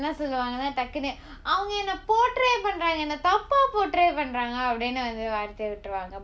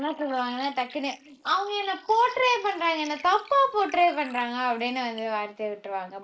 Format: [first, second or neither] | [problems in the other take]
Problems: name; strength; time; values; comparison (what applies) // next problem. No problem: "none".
first | noise reduction (neural mask model Resemble Enhance denoiser)